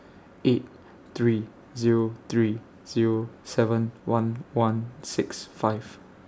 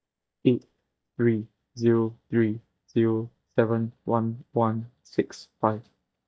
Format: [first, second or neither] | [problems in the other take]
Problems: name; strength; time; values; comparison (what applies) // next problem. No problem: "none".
first | noise reduction (neural mask model DeepFilterNet 3)